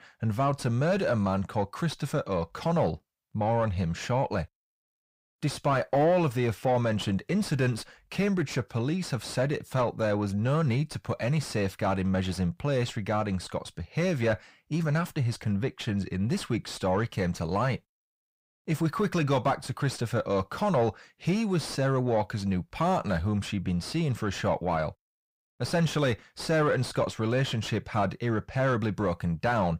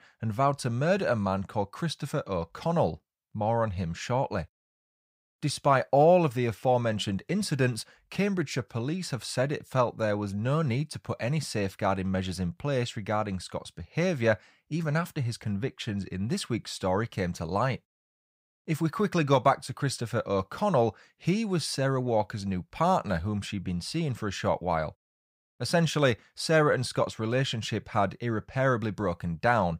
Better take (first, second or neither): second